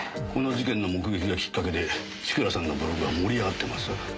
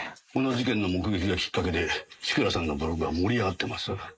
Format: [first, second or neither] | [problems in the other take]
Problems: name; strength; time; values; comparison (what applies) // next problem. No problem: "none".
first | noise reduction (neural mask model Resemble Enhance denoiser)